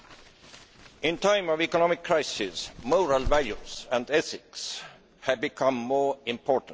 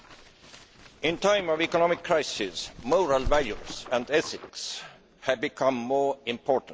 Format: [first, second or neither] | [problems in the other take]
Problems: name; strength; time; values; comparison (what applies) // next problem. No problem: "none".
first | background sound (Water / Splash, splatter); 17 dB below the speech